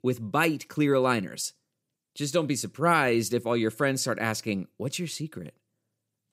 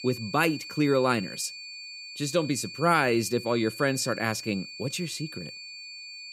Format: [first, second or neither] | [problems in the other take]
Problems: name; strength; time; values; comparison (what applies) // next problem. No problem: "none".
first | high-pitched whine; noticeable; throughout; 4.5 kHz, 10 dB below the speech